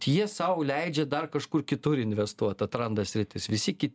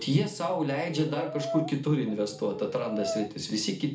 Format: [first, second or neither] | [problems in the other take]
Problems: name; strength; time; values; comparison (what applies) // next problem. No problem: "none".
first | background sound (Brass instrument); 8 dB below the speech // room echo; dies away in 0.4 s